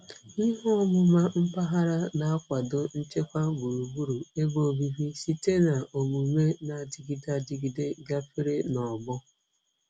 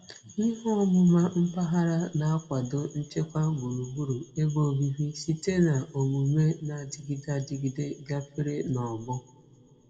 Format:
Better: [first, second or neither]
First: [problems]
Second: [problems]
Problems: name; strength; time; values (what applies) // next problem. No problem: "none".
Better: first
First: none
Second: room echo; dies away in 1.7 s